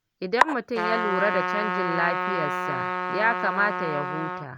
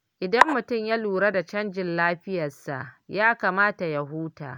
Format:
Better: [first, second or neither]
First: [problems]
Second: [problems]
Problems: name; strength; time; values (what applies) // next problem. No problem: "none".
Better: second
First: background sound (Trumpet); 1 dB below the speech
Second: none